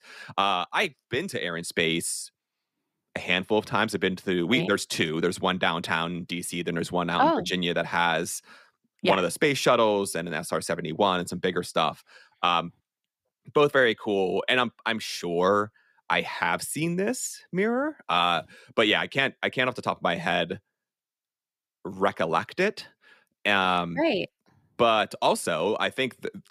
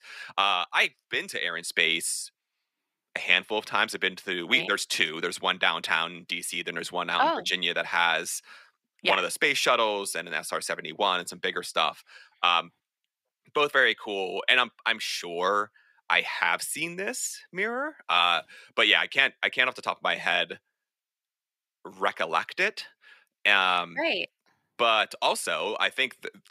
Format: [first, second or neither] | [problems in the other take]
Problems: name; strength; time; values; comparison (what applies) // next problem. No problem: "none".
first | thin; somewhat; fading below 850 Hz